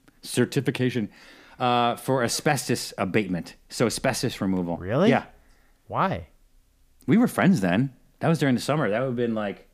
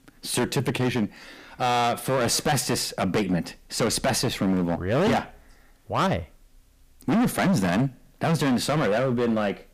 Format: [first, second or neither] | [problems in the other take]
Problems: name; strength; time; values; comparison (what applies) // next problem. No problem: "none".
first | distortion; heavy; 14% of the sound clipped